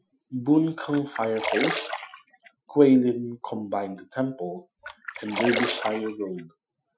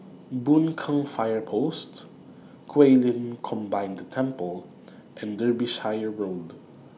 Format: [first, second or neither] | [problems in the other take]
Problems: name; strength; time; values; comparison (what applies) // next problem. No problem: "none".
second | noise reduction (classical method Wiener filter)